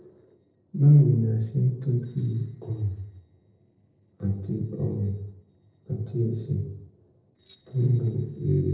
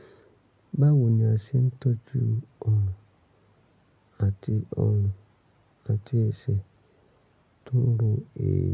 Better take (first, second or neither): second